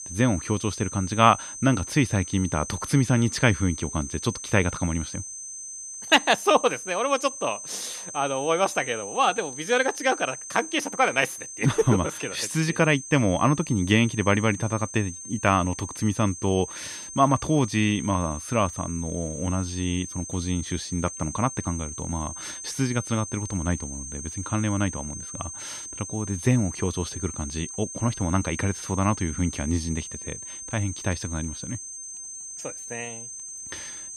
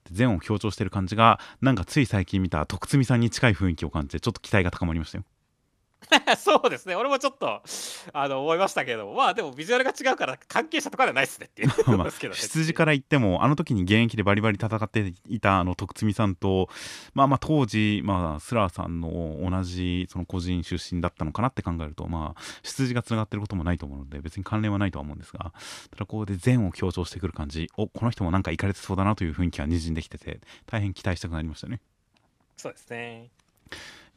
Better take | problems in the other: second | high-pitched whine; loud; throughout; 6.5 kHz, 10 dB below the speech

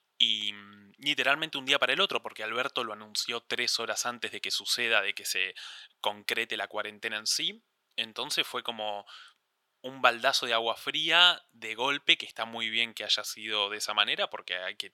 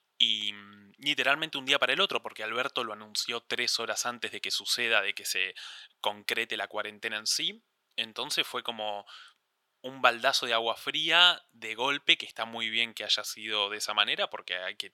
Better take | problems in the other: neither | thin; very; fading below 750 Hz; the same in both

